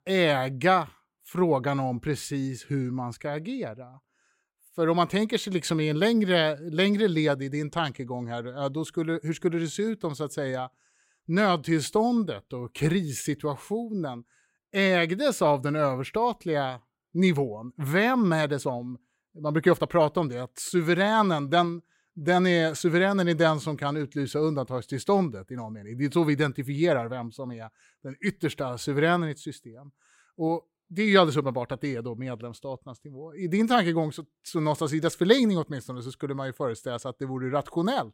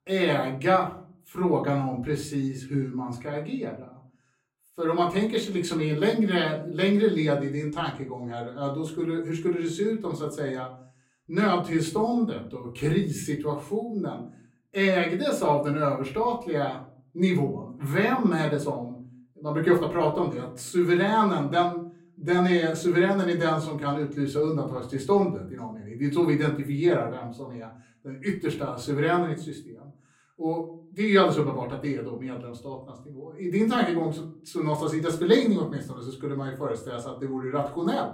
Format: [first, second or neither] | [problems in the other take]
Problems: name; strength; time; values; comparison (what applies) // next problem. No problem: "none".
first | off-mic speech; far // room echo; very slight; dies away in 0.3 s